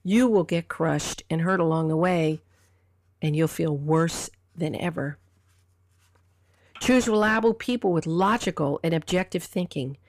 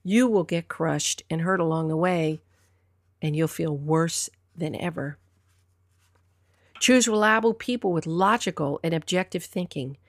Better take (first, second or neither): second